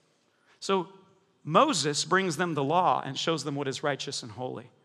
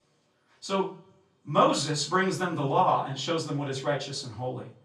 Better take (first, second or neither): first